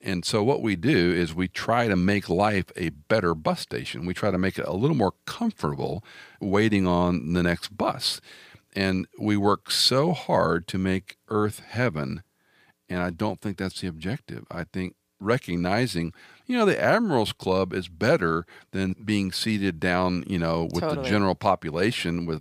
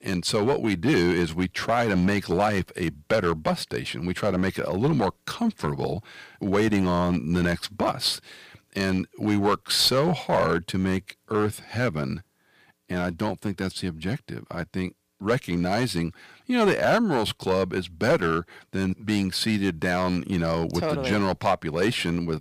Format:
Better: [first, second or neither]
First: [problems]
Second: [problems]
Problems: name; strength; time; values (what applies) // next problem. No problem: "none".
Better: first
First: none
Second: distortion; slight; 4% of the sound clipped